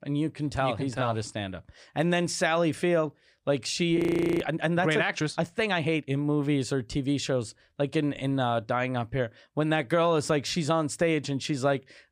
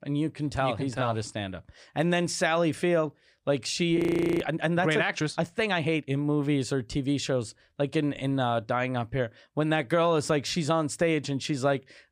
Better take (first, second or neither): neither